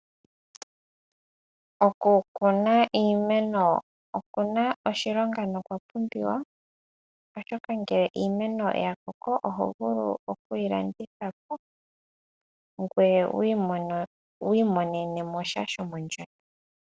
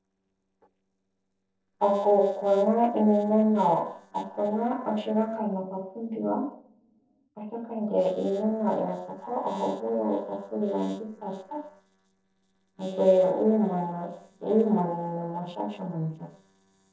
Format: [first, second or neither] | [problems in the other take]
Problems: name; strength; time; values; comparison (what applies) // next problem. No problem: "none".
first | noise reduction (neural separator model SepFormer DNS4)